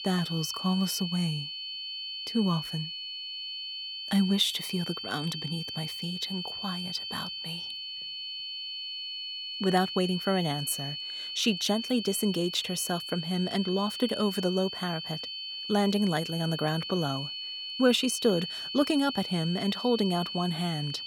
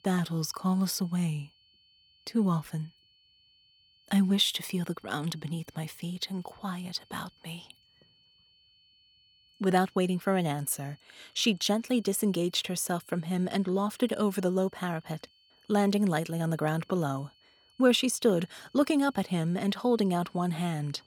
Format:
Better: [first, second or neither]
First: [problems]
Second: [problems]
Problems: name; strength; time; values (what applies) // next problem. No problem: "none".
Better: second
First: high-pitched whine; loud; throughout; 3 kHz, 5 dB below the speech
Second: high-pitched whine; faint; throughout; 3 kHz, 30 dB below the speech